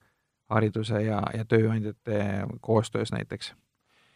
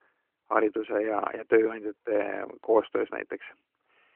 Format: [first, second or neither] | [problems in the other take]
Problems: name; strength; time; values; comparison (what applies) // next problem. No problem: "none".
first | phone-call audio